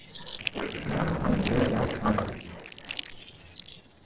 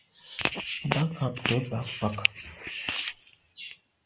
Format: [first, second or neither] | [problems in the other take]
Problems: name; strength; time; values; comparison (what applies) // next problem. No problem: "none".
second | noise reduction (neural separator model SepFormer DNS4)